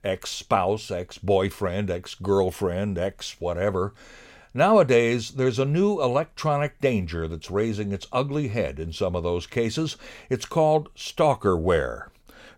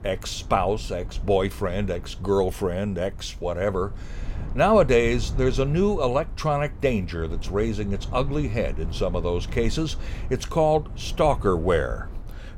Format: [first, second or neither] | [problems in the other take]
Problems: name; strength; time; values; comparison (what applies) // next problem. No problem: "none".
first | low rumble; faint; throughout; 20 dB below the speech